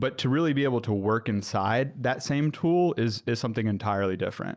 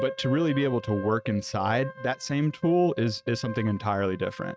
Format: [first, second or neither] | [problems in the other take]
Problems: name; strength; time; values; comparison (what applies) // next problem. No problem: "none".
first | noise reduction (neural mask model RNNoise)